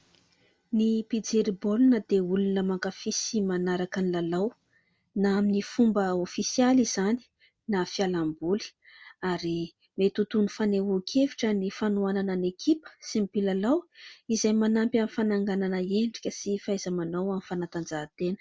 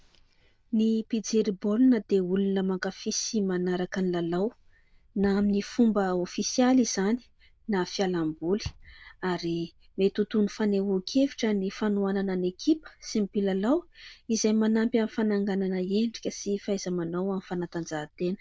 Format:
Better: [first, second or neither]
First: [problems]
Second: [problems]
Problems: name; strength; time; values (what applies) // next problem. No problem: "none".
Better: first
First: none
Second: noise reduction (neural diffusion model UNIVERSE++)